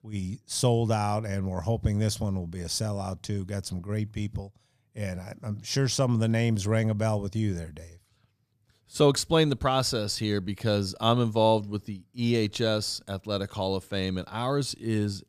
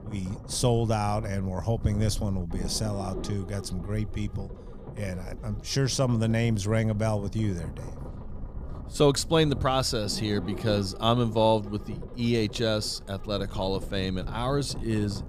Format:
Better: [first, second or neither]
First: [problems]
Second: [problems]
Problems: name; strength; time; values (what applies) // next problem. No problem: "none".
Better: first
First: none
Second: low rumble; noticeable; throughout; 15 dB below the speech